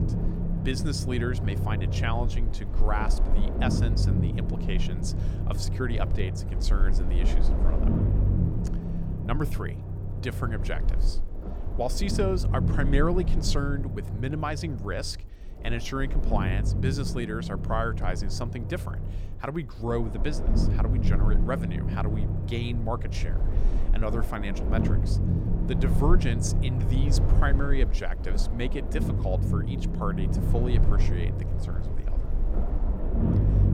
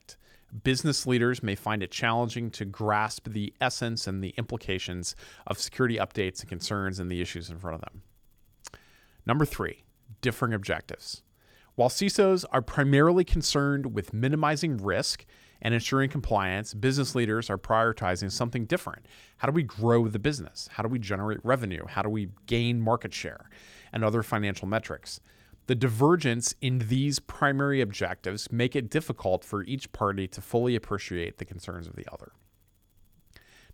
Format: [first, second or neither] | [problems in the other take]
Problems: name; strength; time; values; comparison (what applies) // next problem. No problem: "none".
second | low rumble; loud; throughout; 5 dB below the speech